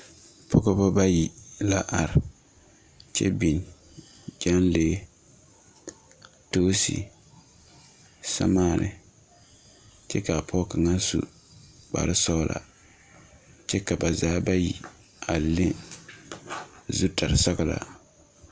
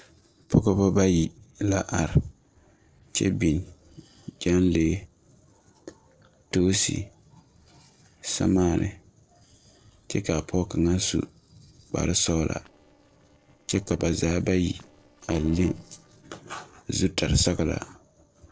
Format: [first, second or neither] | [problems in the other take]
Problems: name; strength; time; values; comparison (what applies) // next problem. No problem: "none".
first | noise reduction (neural separator model SepFormer DNS4)